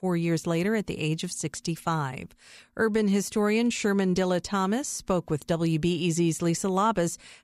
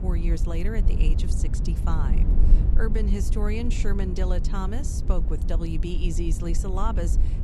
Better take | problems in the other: first | low rumble; loud; throughout; 7 dB below the speech

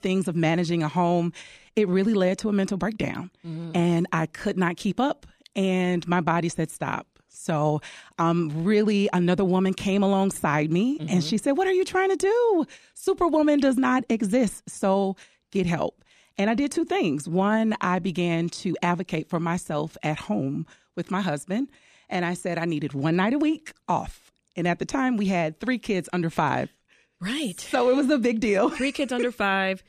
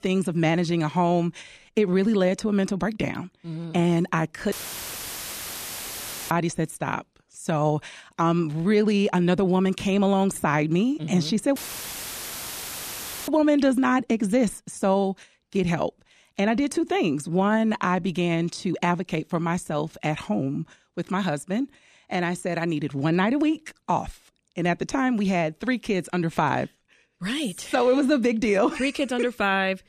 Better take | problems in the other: first | audio cutting out; filled with static; at 4.5 s for 2 s and at 12 s for 1.5 s

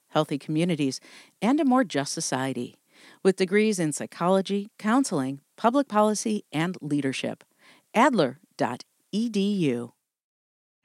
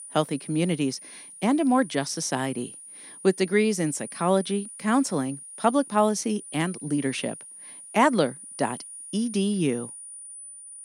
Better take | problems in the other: first | high-pitched whine; noticeable; throughout; 9.5 kHz, 15 dB below the speech

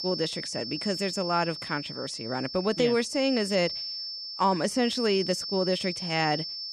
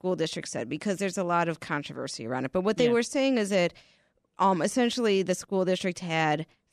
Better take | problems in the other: second | high-pitched whine; loud; throughout; 5.5 kHz, 5 dB below the speech

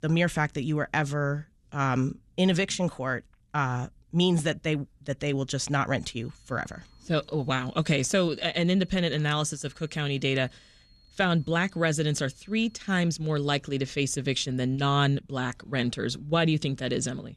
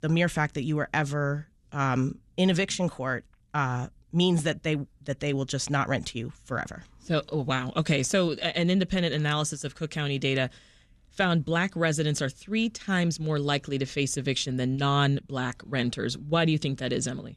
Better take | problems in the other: second | high-pitched whine; faint; from 6 to 13 s; 4.5 kHz, 35 dB below the speech

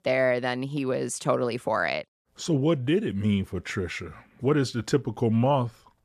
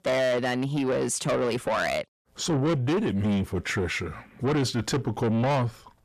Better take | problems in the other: first | distortion; heavy; 7 dB below the speech

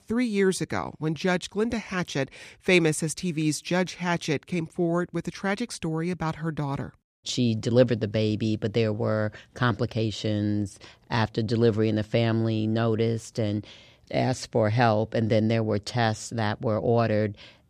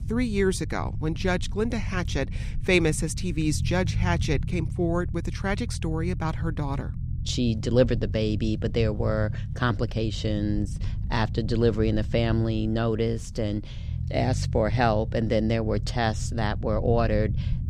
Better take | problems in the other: first | low rumble; noticeable; throughout; 15 dB below the speech

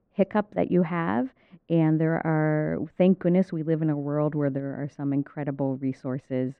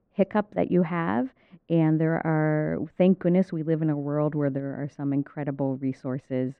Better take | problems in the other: neither | muffled; very; fading above 3 kHz; the same in both

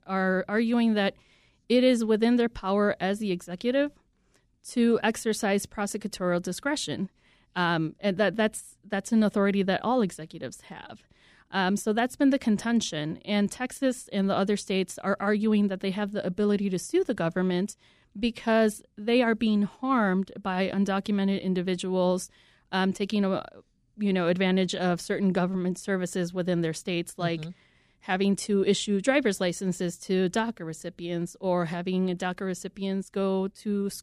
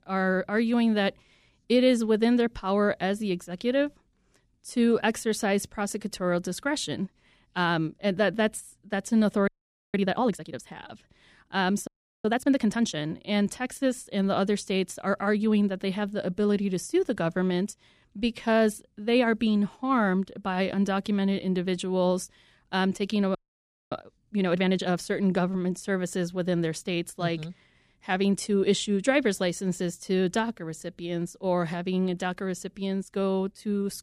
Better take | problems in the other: first | audio freezing; at 9.5 s, at 12 s and at 23 s for 0.5 s

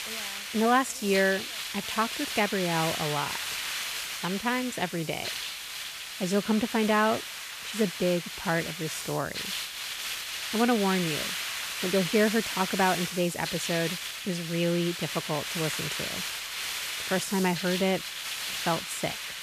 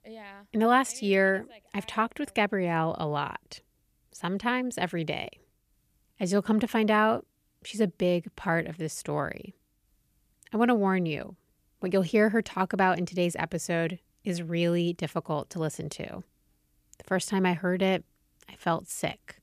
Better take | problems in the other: second | hiss; loud; throughout; 4 dB below the speech

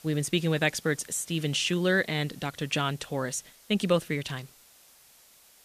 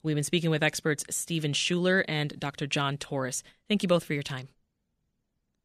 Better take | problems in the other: second | hiss; faint; throughout; 25 dB below the speech

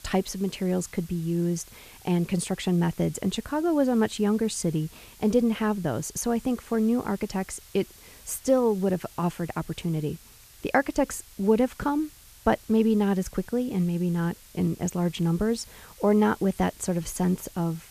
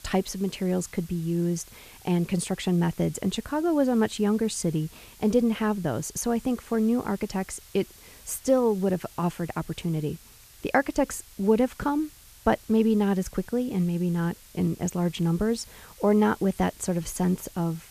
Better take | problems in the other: neither | hiss; faint; throughout; 20 dB below the speech; the same in both

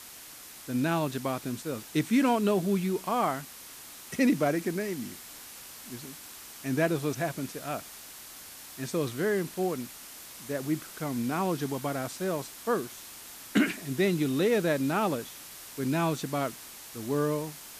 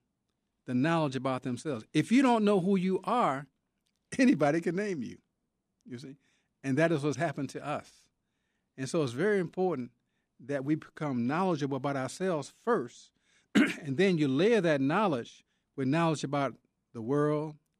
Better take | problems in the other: second | hiss; noticeable; throughout; 15 dB below the speech

